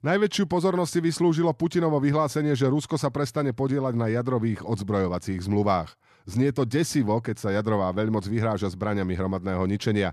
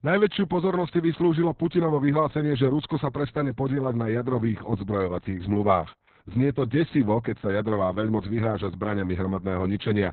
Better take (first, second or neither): first